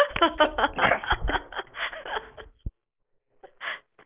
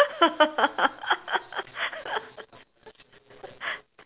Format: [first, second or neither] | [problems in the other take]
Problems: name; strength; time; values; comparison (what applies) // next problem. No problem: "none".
second | noise reduction (neural mask model Resemble Enhance denoiser)